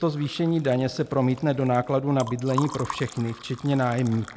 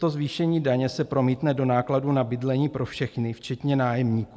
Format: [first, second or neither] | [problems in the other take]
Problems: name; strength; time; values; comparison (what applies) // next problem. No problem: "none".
second | background sound (Liquid); 16 dB below the speech